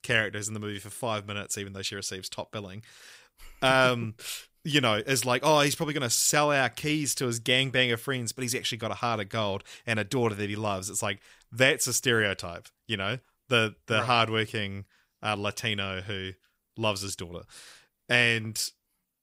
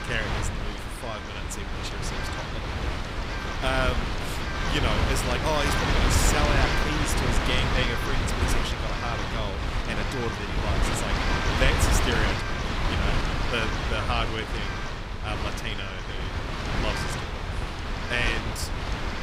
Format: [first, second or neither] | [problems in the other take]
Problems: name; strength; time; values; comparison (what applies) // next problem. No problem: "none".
first | wind noise on the microphone; heavy; 2 dB above the speech